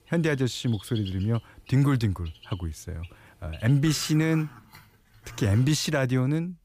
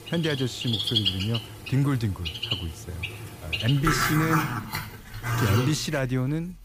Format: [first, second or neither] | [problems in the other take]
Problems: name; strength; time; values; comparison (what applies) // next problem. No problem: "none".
first | animal sounds; loud; throughout; 1 dB below the speech; faint in the first